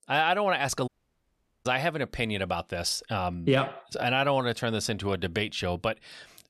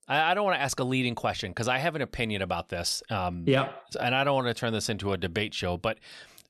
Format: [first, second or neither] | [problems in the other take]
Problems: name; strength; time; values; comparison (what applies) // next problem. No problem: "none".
second | audio cutting out; at 1 s for 1 s